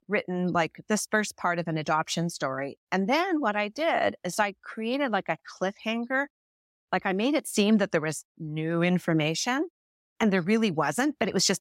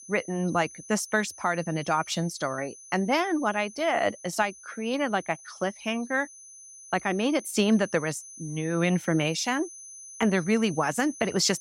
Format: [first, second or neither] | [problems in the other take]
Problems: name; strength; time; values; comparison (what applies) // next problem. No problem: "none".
first | high-pitched whine; noticeable; throughout; 6 kHz, 15 dB below the speech